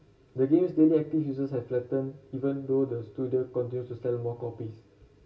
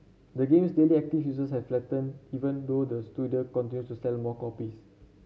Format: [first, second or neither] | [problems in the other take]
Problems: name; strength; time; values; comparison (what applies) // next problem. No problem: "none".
second | room echo; dies away in 0.2 s